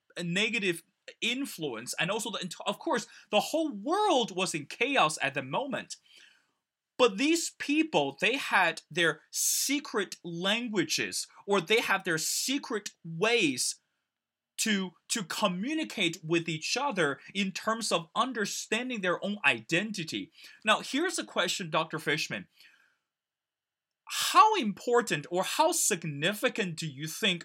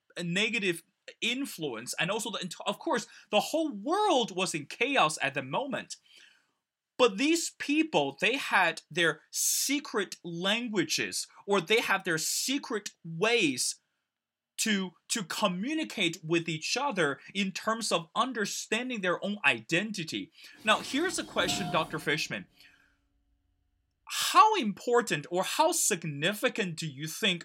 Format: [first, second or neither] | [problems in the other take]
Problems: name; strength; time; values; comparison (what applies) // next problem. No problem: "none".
first | clattering dishes; noticeable; from 21 to 22 s; peak 8 dB below the speech